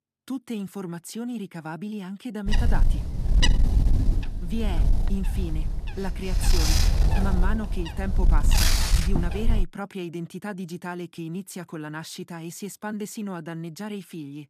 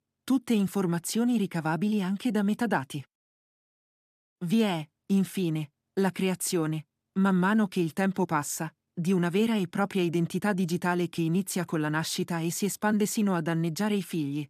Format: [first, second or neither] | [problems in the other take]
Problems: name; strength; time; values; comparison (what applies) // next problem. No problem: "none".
second | wind noise on the microphone; heavy; from 2.5 to 9.5 s; 5 dB above the speech